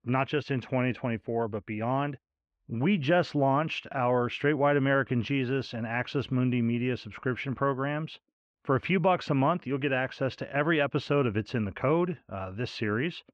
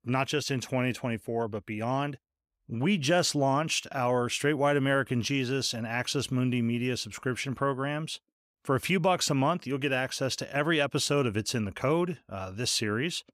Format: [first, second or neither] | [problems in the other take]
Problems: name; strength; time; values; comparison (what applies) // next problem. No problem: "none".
second | muffled; very; fading above 2.5 kHz